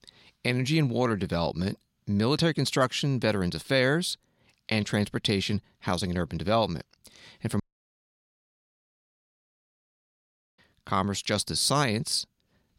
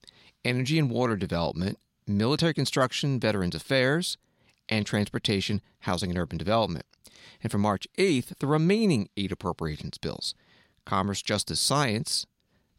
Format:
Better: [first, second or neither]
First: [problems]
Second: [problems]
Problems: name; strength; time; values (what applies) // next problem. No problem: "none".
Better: second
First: audio cutting out; at 7.5 s for 3 s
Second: none